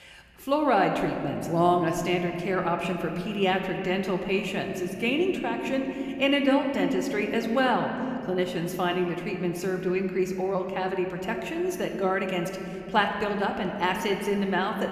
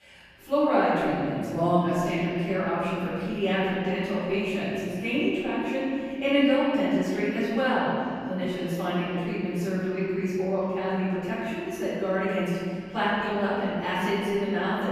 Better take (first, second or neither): first